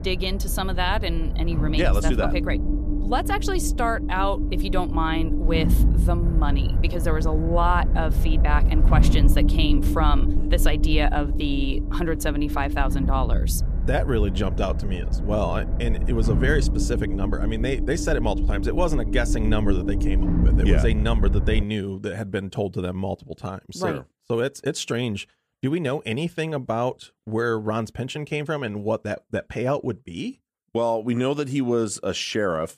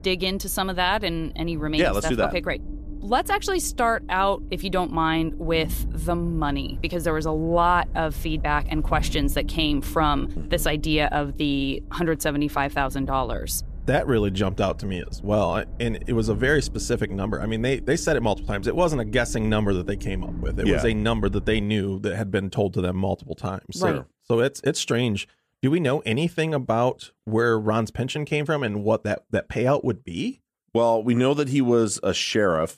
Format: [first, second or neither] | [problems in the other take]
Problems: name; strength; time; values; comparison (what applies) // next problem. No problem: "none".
second | low rumble; loud; until 22 s; 9 dB below the speech; faint in the second